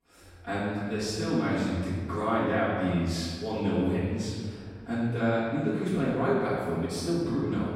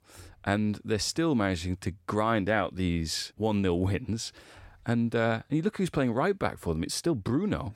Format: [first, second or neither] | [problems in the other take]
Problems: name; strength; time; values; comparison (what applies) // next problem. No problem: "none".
second | off-mic speech; far // room echo; strong; dies away in 1.8 s